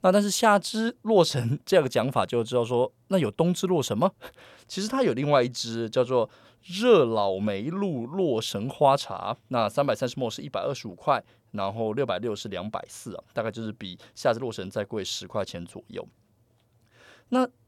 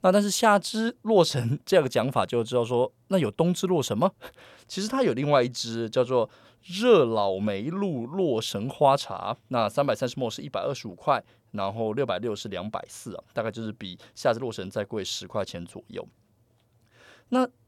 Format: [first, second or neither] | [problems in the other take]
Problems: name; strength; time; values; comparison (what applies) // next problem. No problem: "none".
neither | none